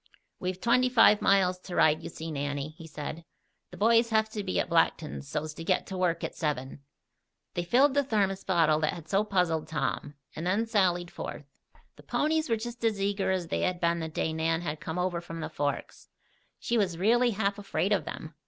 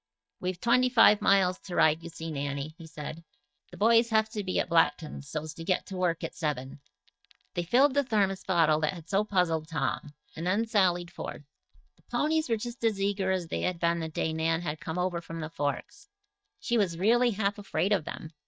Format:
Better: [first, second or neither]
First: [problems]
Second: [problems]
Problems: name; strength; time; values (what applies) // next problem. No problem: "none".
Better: first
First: none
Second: noise reduction (neural mask model DeepFilterNet 3)